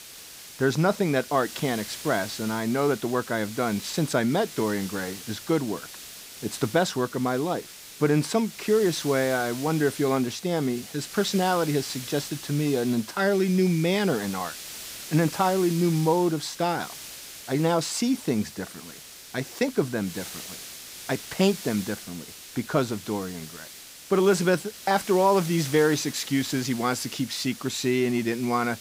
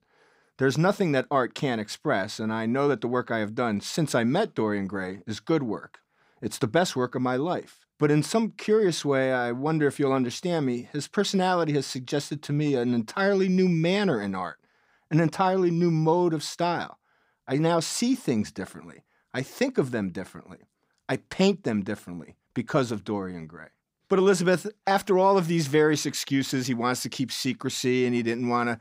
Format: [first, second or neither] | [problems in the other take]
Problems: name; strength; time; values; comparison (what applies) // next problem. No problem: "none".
second | hiss; noticeable; throughout; 15 dB below the speech